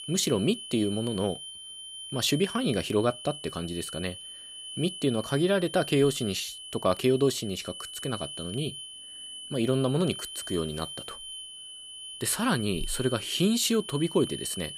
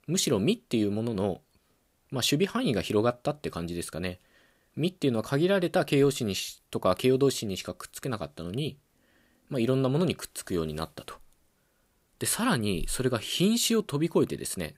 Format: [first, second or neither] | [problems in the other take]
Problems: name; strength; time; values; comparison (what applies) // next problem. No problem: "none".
second | high-pitched whine; noticeable; throughout; 3 kHz, 10 dB below the speech